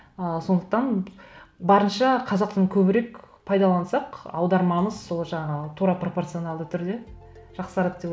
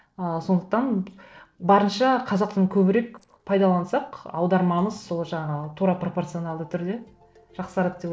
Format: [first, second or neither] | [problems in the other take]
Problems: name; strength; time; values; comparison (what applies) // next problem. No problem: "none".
first | noise reduction (neural separator model SepFormer DNS4)